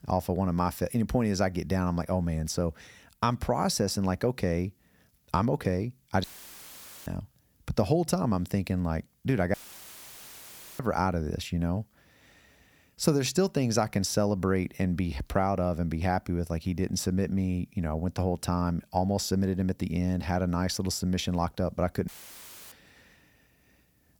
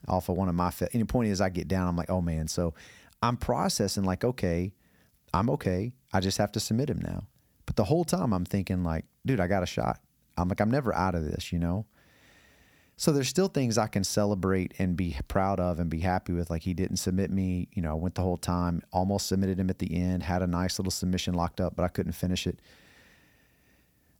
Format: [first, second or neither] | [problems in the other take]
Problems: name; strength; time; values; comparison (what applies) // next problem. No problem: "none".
second | audio cutting out; filled with static; at 6 s for 1 s, at 9.5 s for 1.5 s and at 22 s for 0.5 s